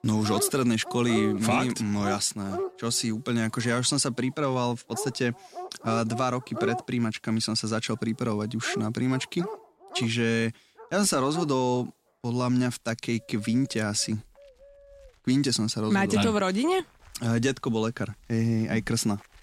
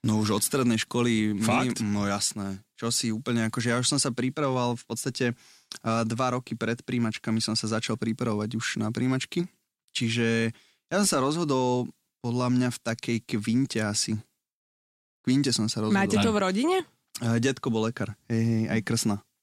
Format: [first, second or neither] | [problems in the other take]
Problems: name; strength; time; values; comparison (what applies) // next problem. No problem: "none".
second | animal sounds; loud; throughout; 10 dB below the speech